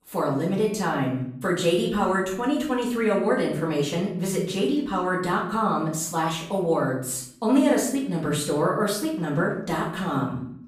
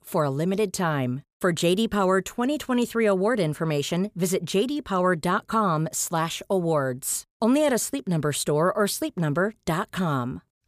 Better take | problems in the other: second | off-mic speech; far // room echo; noticeable; dies away in 0.6 s

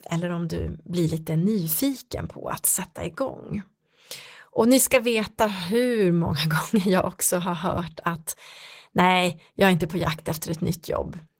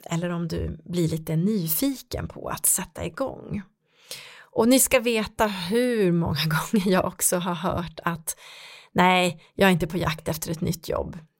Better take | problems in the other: second | garbled, watery; slightly; nothing above 16 kHz

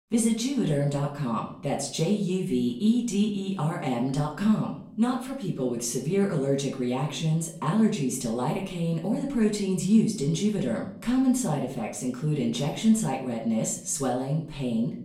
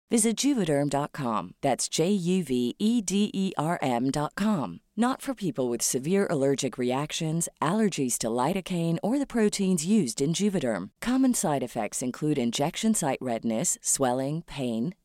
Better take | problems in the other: second | off-mic speech; far // room echo; slight; dies away in 0.5 s

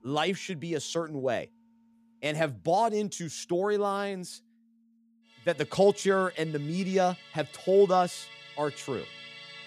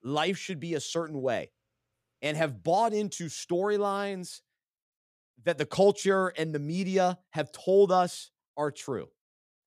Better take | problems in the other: second | background music; noticeable; throughout; 20 dB below the speech

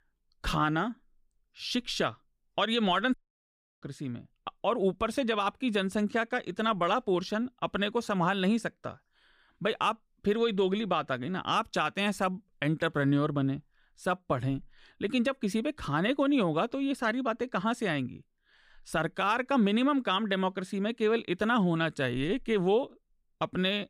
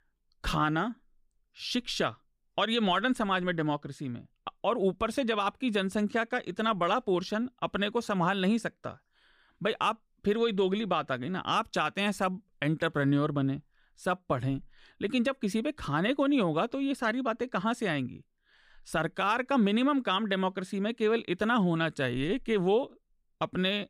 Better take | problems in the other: second | audio cutting out; at 3 s for 0.5 s

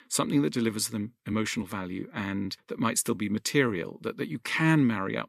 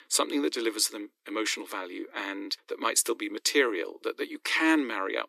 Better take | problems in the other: first | thin; somewhat; fading below 300 Hz

